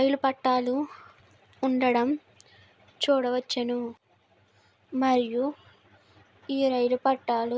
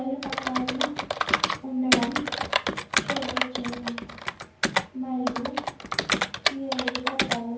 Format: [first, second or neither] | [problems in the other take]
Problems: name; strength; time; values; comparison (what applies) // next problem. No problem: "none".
first | background sound (Computer keyboard); 4 dB above the speech // room echo; dies away in 0.9 s